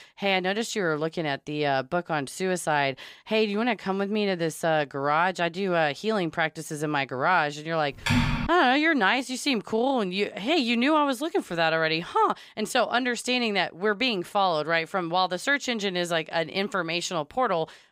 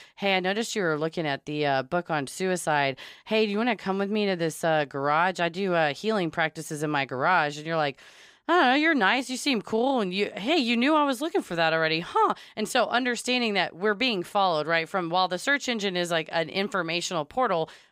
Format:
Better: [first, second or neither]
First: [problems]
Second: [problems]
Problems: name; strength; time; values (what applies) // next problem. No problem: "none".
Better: second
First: keyboard typing; loud; at 8 s; peak 1 dB above the speech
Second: none